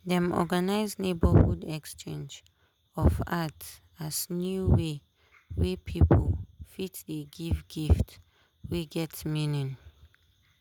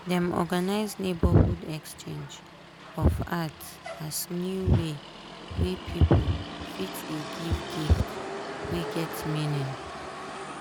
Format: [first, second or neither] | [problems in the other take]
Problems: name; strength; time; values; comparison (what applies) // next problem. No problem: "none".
first | background sound (Motor vehicle (road)); 11 dB below the speech